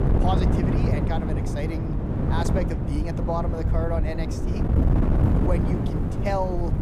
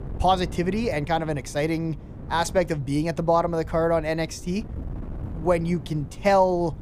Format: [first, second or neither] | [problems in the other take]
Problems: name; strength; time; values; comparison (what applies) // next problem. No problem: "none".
second | wind noise on the microphone; heavy; 1 dB below the speech; occasional gusts in the second